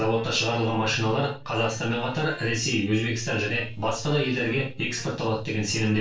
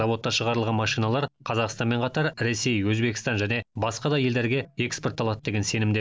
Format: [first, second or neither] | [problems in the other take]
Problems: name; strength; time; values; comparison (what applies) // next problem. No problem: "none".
second | noise reduction (neural separator model SepFormer DNS4)